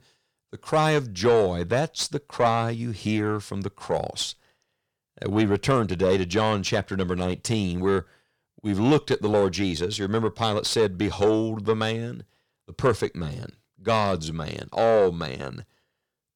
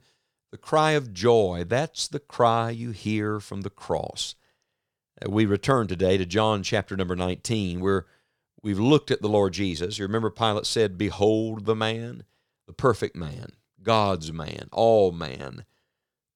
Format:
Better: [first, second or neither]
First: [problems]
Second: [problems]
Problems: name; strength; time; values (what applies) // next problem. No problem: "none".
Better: second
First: distortion; slight; 10 dB below the speech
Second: none